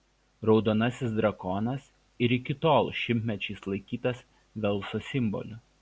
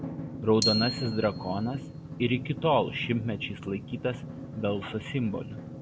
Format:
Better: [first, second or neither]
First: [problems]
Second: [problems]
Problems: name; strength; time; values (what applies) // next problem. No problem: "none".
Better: first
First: none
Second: background sound (Drum + Glockenspiel); 7 dB below the speech